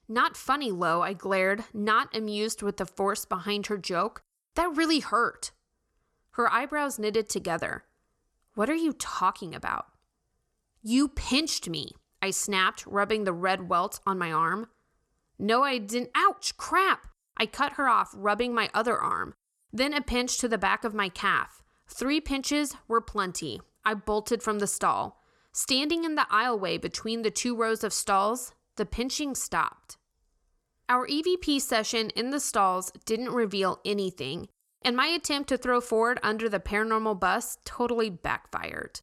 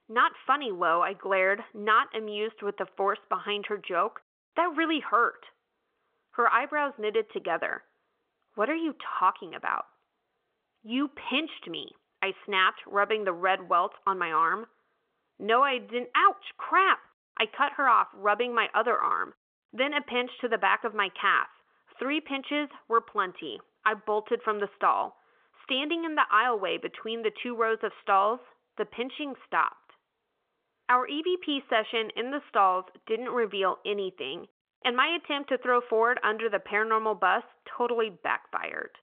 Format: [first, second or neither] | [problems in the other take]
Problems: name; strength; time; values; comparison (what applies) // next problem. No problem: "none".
first | phone-call audio; nothing above 3.5 kHz